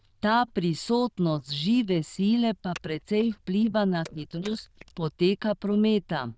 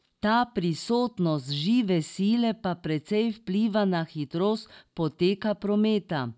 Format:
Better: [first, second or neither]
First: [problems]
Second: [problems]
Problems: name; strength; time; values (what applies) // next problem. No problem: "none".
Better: second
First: noise reduction (neural diffusion model UNIVERSE++)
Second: none